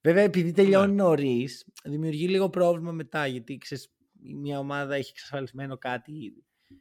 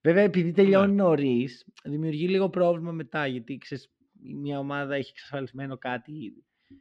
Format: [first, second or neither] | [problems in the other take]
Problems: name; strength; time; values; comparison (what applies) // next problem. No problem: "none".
first | muffled; very slightly; fading above 3.5 kHz